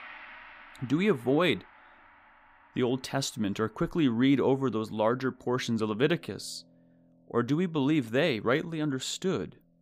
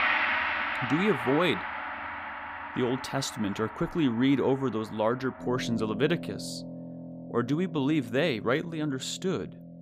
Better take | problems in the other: first | background music; loud; throughout; 6 dB below the speech; faint in the first

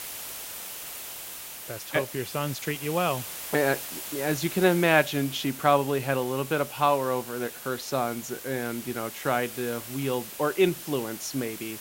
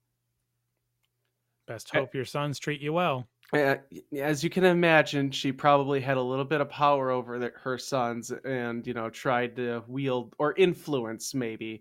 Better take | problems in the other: second | hiss; loud; throughout; 10 dB below the speech

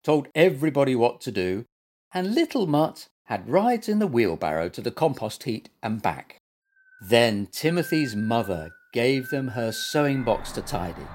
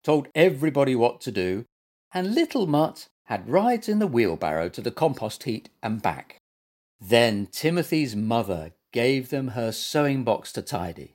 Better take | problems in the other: second | animal sounds; noticeable; from 7 s on; 15 dB below the speech

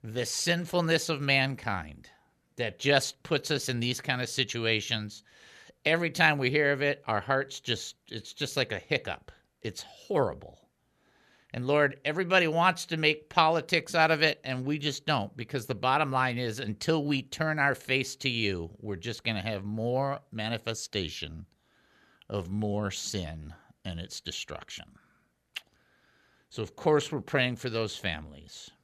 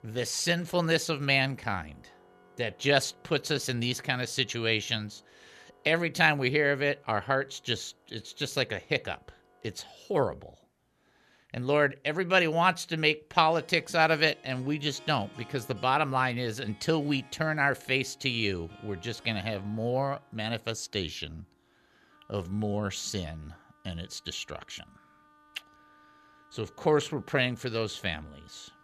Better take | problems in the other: first | background music; faint; throughout; 30 dB below the speech

